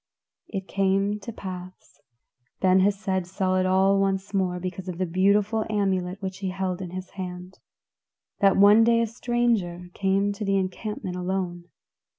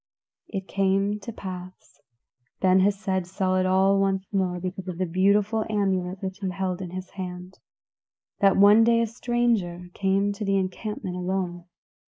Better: first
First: none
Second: noise reduction (neural mask model Resemble Enhance denoiser)

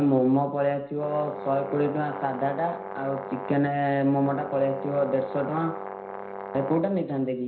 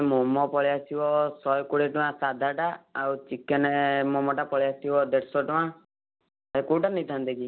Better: second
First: background sound (Brass instrument); 10 dB below the speech // room echo; dies away in 0.5 s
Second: none

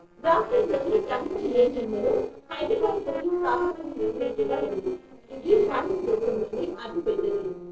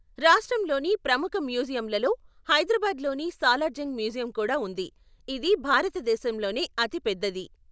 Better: second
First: noise reduction (neural separator model SepFormer DNS4)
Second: none

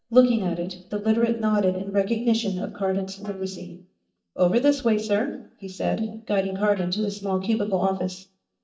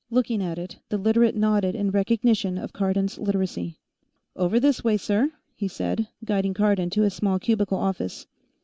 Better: second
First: noise reduction (neural mask model DeepFilterNet 3)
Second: none

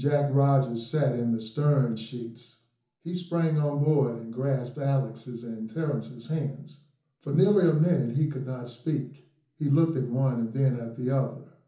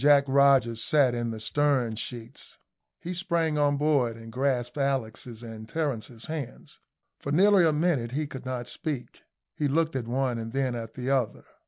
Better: second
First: room echo; dies away in 0.6 s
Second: none

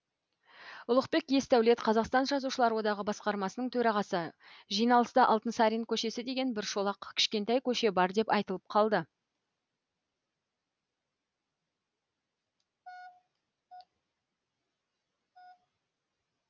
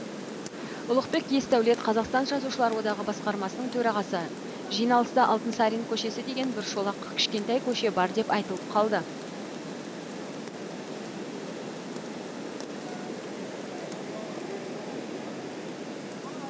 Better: first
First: none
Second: background sound (Rain); 7 dB below the speech

